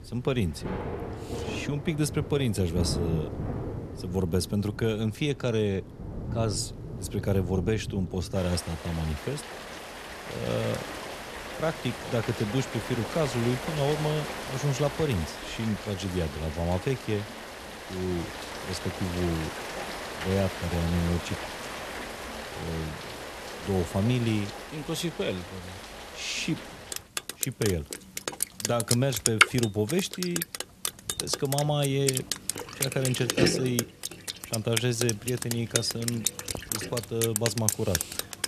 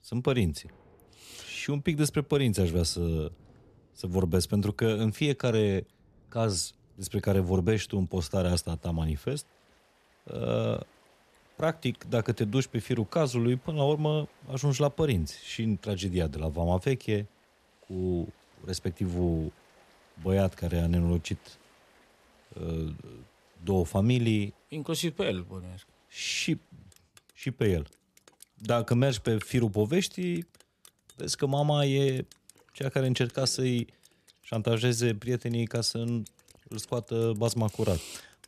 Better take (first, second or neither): second